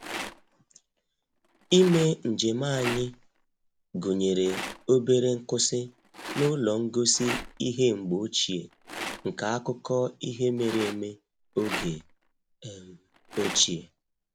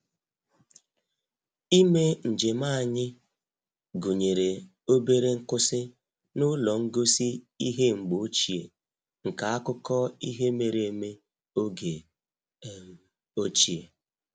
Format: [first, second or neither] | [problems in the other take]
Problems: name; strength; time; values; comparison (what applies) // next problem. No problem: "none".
second | background sound (Rattle); 13 dB below the speech